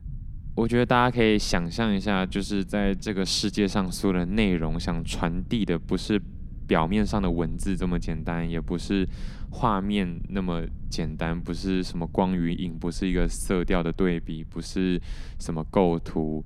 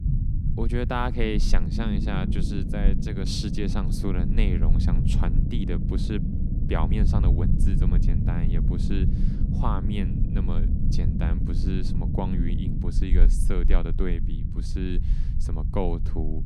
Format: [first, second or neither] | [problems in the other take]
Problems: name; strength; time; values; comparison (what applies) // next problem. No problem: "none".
first | low rumble; loud; throughout; 4 dB below the speech; faint in the first